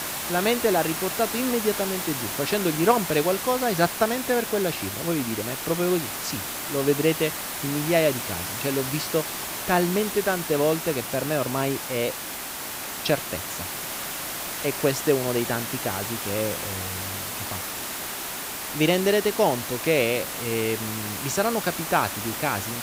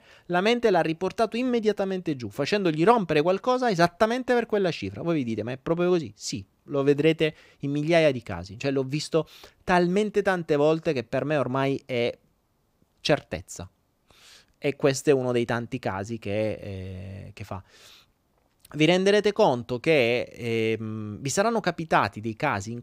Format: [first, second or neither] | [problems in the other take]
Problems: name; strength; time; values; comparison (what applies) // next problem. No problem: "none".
second | hiss; loud; throughout; 4 dB below the speech